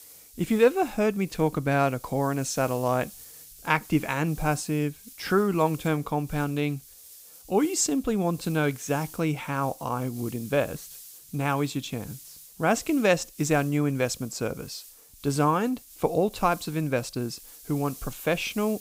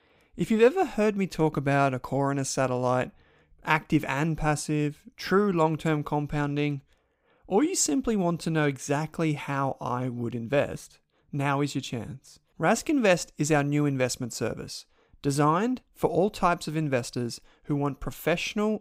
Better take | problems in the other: second | hiss; noticeable; throughout; 20 dB below the speech

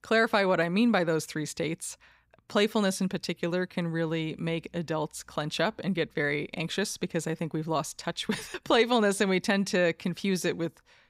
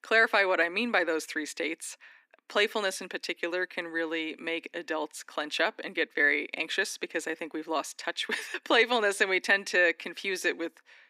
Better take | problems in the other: first | thin; somewhat; fading below 300 Hz

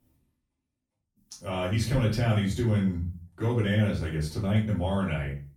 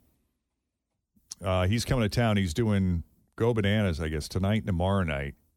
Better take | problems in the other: second | off-mic speech; far // room echo; slight; dies away in 0.3 s

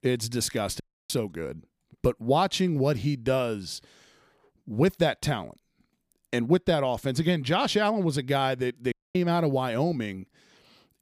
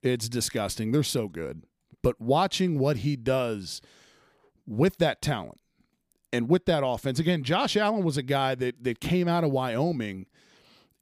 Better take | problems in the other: second | audio cutting out; at 1 s and at 9 s

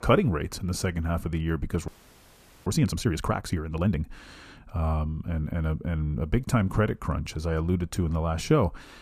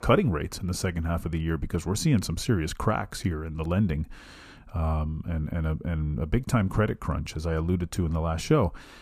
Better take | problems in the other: second | audio freezing; at 2 s for 1 s

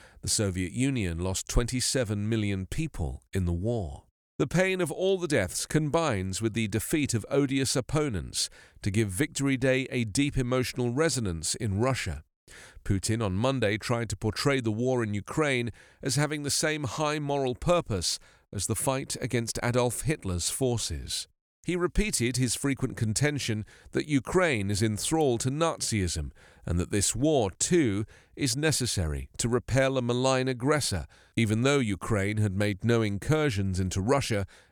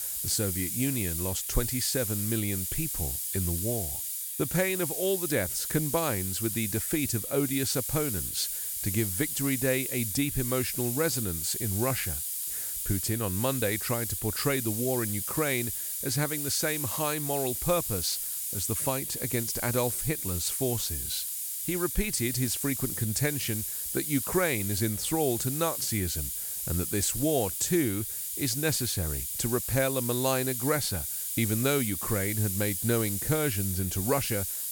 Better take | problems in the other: first | hiss; loud; throughout; 1 dB below the speech

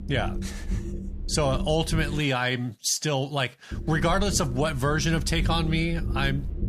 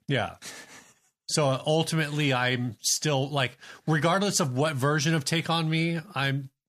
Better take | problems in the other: second | low rumble; noticeable; until 2 s and from 3.5 s on; 15 dB below the speech

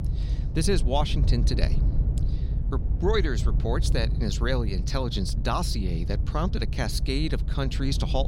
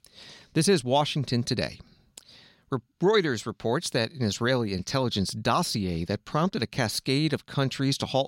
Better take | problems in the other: second | low rumble; noticeable; throughout; 10 dB below the speech

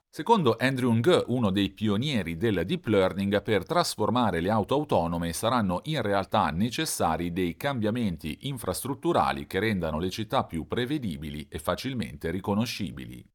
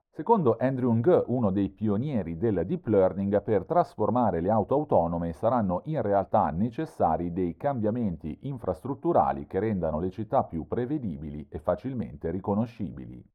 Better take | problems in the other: first | muffled; very; fading above 2 kHz

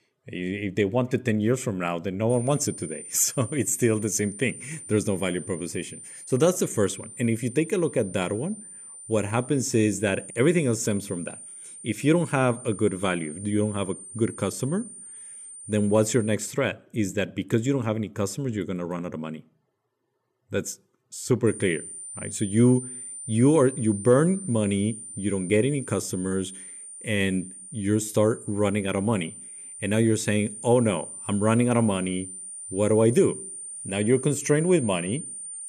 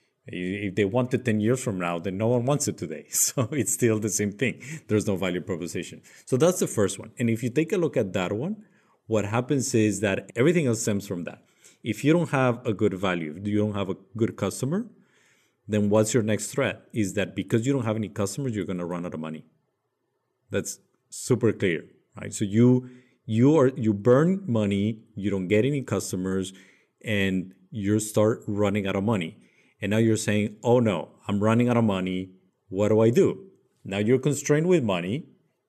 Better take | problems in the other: second | high-pitched whine; noticeable; from 2.5 to 16 s and from 21 s on; 9 kHz, 10 dB below the speech

